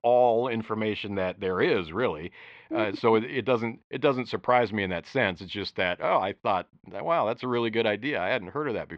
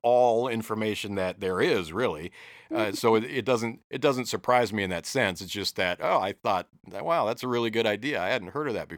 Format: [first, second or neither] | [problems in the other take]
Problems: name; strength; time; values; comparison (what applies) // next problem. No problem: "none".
second | muffled; slightly; fading above 3.5 kHz